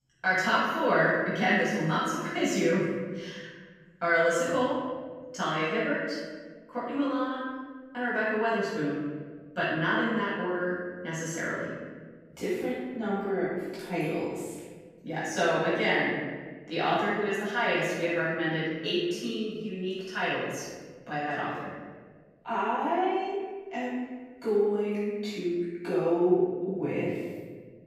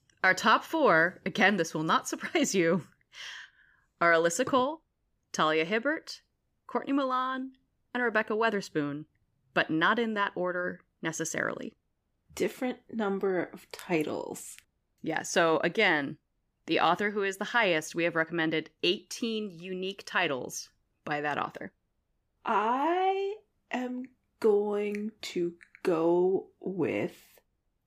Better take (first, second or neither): second